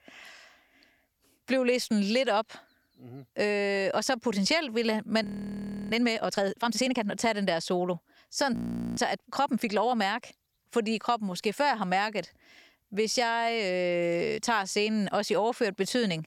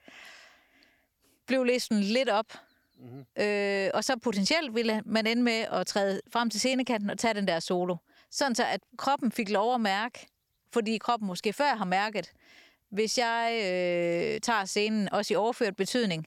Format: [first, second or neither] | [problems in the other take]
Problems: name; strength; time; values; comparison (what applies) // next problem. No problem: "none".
second | audio freezing; at 5 s for 0.5 s and at 8.5 s